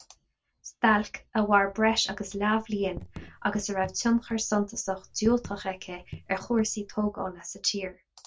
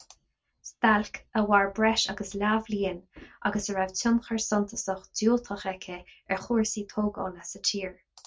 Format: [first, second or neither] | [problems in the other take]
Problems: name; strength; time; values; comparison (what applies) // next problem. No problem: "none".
second | background sound (Raindrop / Drip); 17 dB below the speech